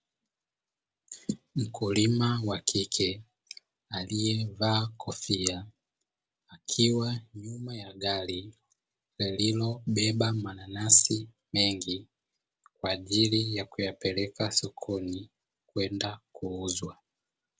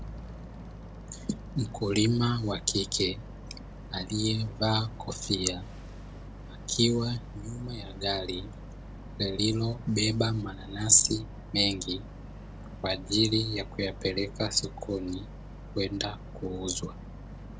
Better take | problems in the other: first | background sound (Boat, Water vehicle); 12 dB below the speech

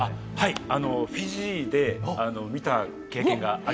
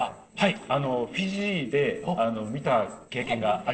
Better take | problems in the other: first | noise reduction (neural separator model SepFormer DNS4)

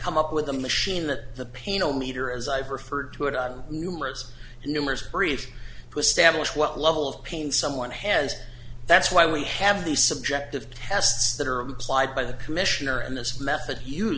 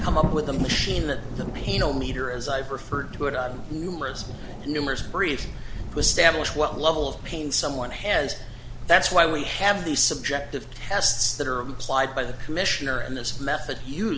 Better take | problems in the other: first | background sound (Thunder / Rain); 8 dB below the speech

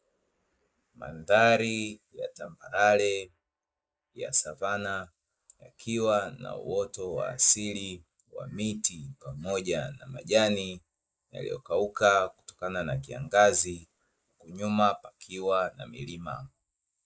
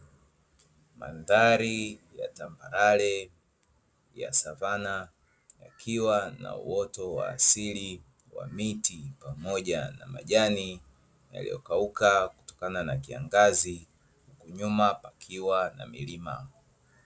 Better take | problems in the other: second | noise reduction (neural mask model Resemble Enhance denoiser)

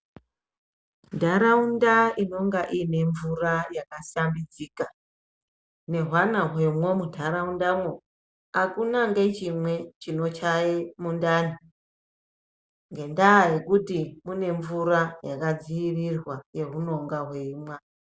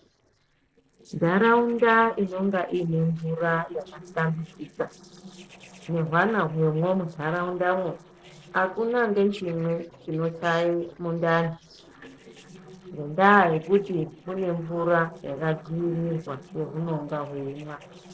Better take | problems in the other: first | noise reduction (neural separator model SepFormer DNS4)

